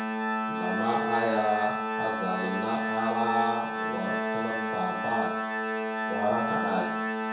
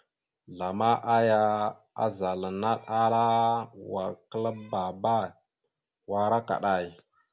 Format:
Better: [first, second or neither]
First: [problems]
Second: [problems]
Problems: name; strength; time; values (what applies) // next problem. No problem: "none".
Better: second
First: background sound (Organ); 1 dB above the speech // room echo; dies away in 0.5 s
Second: none